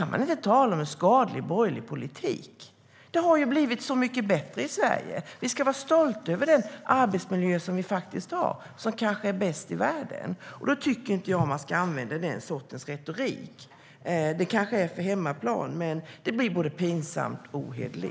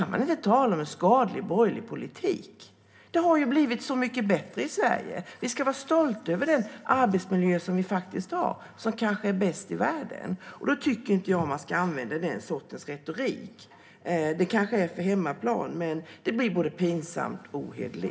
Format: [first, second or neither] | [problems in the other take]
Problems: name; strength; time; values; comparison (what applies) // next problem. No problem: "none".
first | room echo; dies away in 0.3 s